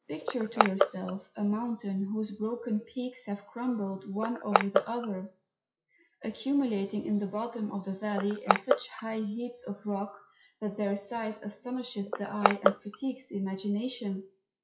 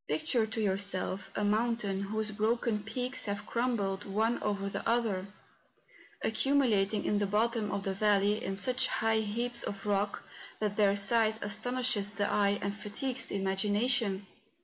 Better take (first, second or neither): second